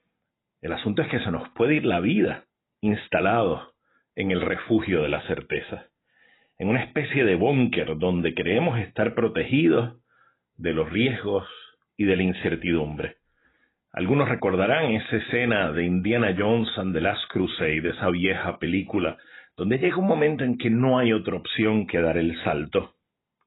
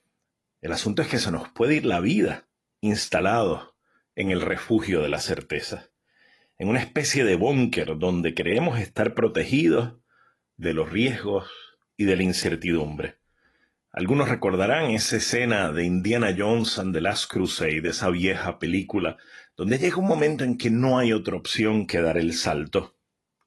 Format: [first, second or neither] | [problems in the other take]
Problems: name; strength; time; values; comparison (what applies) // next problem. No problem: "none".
second | garbled, watery; badly; nothing above 4 kHz; slightly in the second